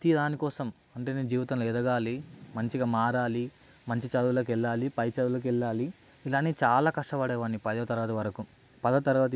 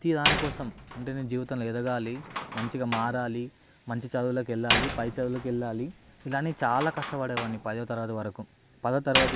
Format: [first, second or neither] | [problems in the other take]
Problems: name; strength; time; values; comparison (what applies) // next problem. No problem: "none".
first | background sound (Slam); 4 dB below the speech